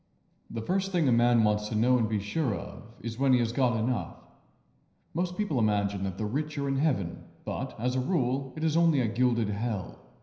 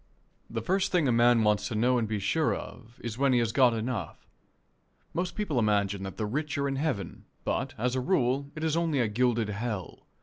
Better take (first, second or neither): second